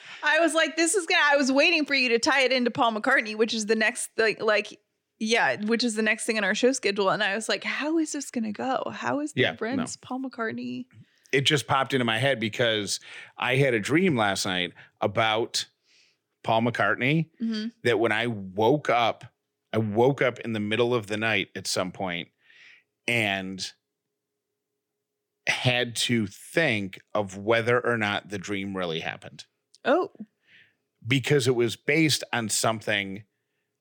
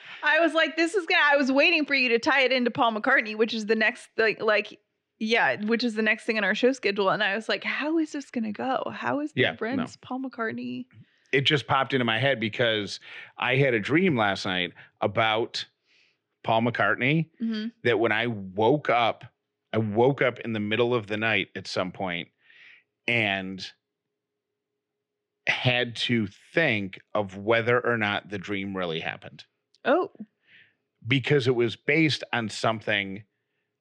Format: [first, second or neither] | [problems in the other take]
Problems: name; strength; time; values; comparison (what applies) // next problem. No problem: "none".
first | muffled; very slightly; fading above 3 kHz